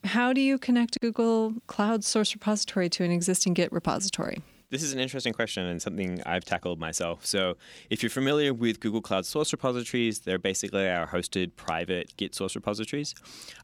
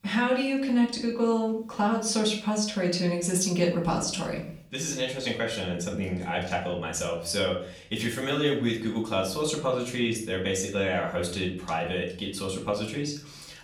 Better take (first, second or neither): first